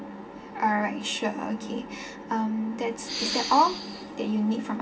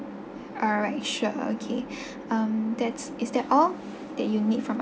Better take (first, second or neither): second